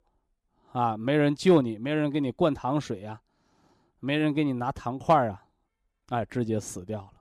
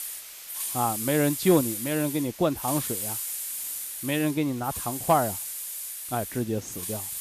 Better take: first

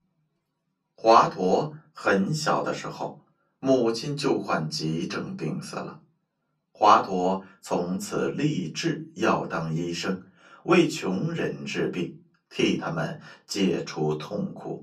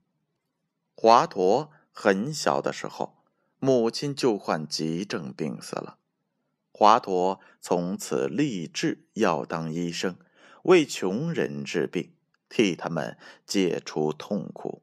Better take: second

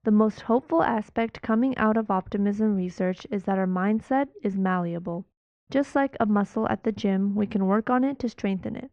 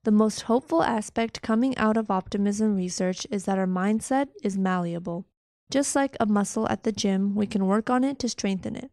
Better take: second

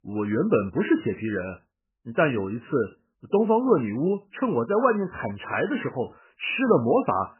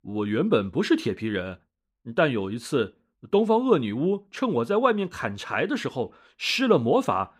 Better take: second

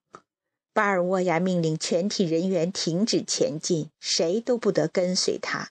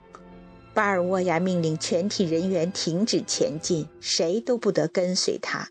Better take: first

